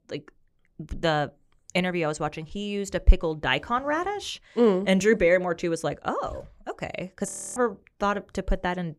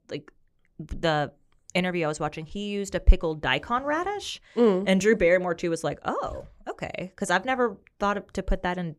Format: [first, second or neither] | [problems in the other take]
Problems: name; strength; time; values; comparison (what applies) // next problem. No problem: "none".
second | audio freezing; at 7.5 s